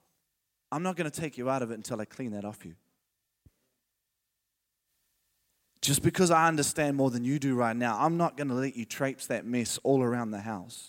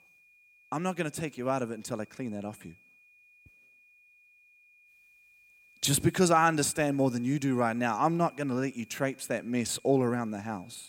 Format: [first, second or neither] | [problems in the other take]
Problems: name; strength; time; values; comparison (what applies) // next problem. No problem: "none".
first | high-pitched whine; faint; throughout; 2.5 kHz, 30 dB below the speech